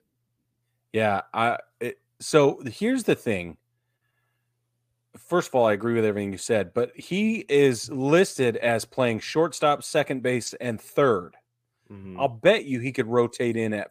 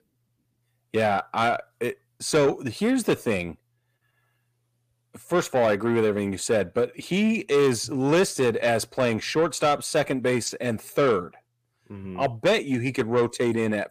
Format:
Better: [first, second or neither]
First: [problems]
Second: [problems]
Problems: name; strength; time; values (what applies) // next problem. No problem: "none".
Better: first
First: none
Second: distortion; slight; 10 dB below the speech